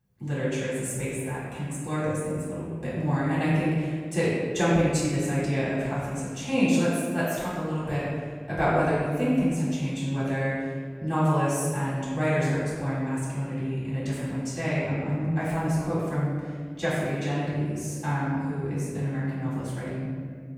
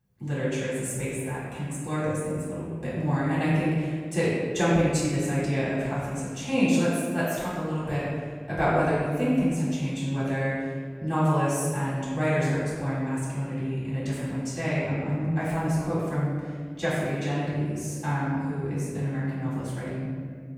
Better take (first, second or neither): neither